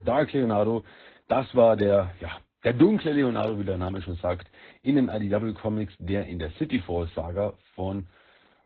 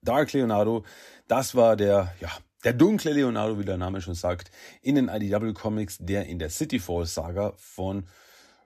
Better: second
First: garbled, watery; badly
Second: none

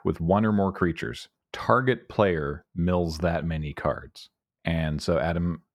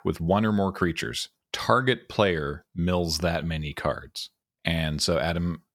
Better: second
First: muffled; slightly; fading above 2.5 kHz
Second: none

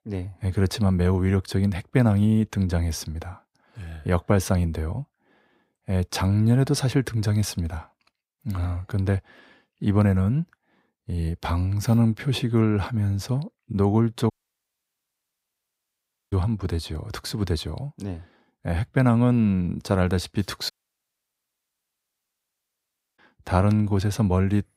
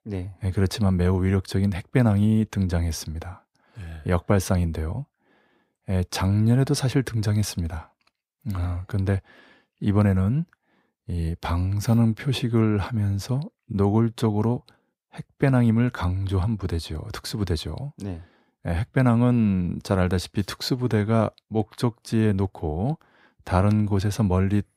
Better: second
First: audio cutting out; at 14 s for 2 s and at 21 s for 2.5 s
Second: none

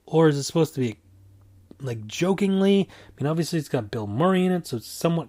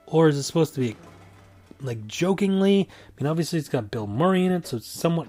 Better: first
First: none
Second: background music; faint; throughout; 30 dB below the speech

